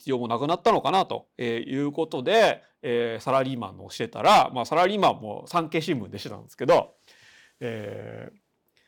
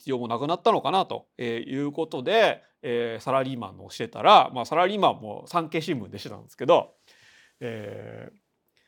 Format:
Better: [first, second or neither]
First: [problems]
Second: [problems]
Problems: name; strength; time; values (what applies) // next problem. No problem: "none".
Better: second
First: distortion; slight; 1.6% of the sound clipped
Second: none